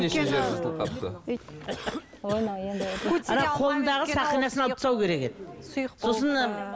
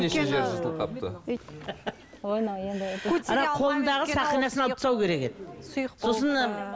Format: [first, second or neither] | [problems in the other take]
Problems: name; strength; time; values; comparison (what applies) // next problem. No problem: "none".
second | background sound (Cough); 11 dB below the speech